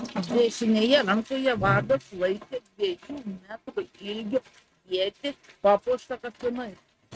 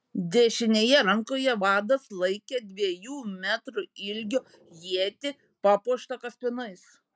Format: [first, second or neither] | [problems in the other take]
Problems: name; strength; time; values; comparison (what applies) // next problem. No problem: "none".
second | noise reduction (neural mask model RNNoise)